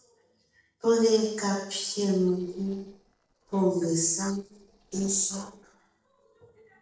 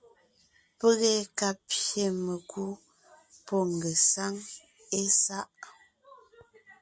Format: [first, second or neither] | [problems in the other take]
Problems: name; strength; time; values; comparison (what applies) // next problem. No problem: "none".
second | noise reduction (neural separator model SepFormer DNS4)